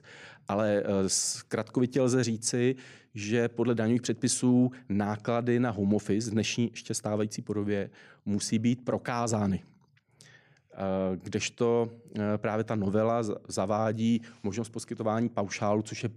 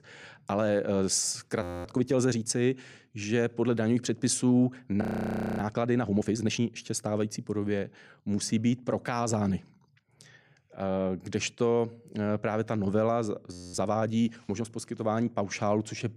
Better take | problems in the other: first | audio freezing; at 1.5 s, at 5 s for 0.5 s and at 14 s

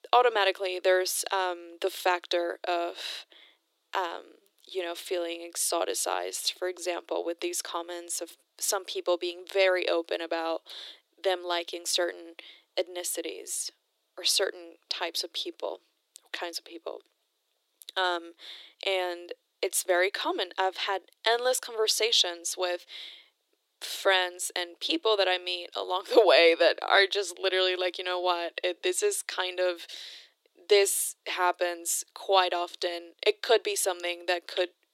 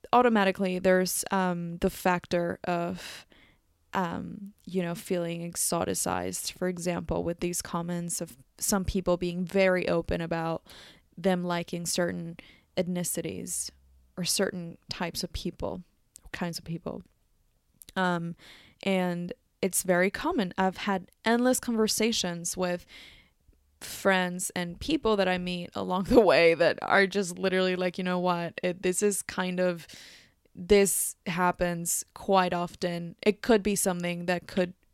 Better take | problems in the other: second | thin; very; fading below 350 Hz

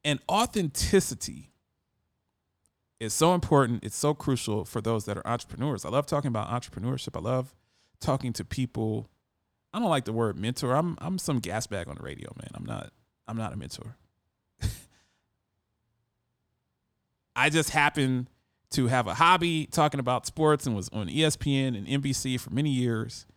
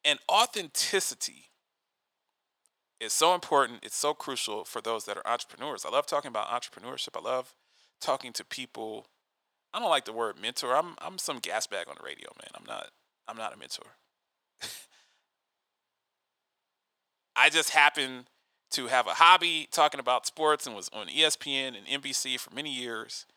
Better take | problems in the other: first | thin; very; fading below 650 Hz

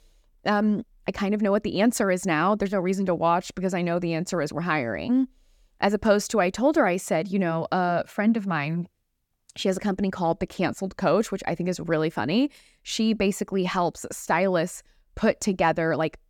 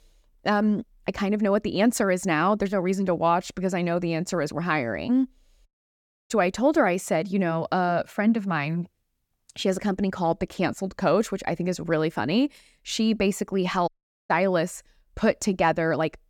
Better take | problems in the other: first | audio cutting out; at 5.5 s for 0.5 s and at 14 s

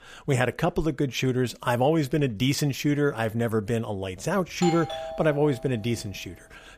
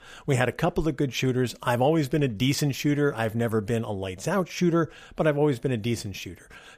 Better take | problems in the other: second | doorbell; noticeable; from 4.5 to 6 s; peak 6 dB below the speech

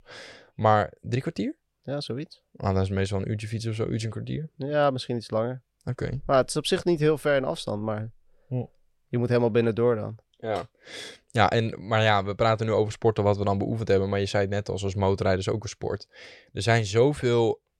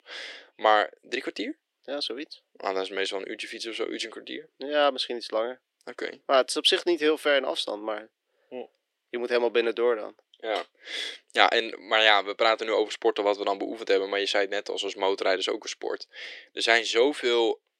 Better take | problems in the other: first | thin; somewhat; fading below 300 Hz

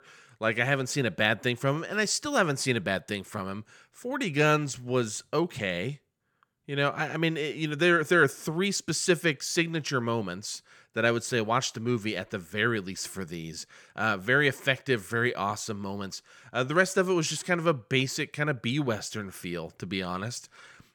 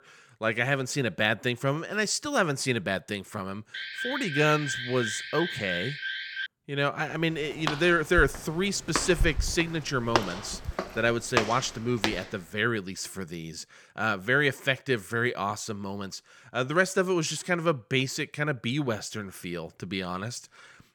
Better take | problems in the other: first | alarm; noticeable; from 3.5 to 6.5 s; peak 4 dB below the speech // footsteps; noticeable; from 7.5 to 12 s; peak level with the speech

